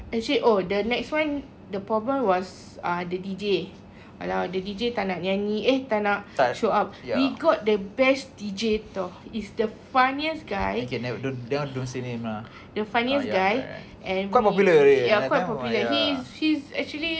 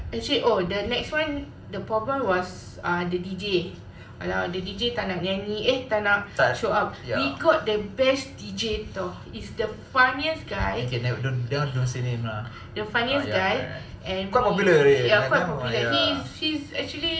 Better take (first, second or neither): first